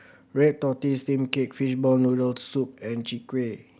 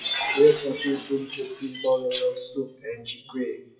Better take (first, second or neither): first